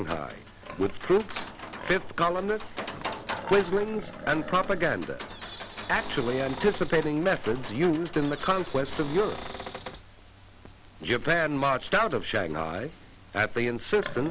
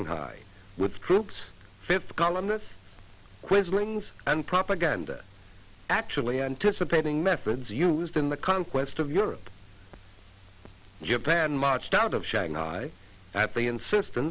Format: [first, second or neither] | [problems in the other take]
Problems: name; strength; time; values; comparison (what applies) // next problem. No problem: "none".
second | background sound (Cupboard open or close / Door + Livestock, farm animals, working animals); 12 dB below the speech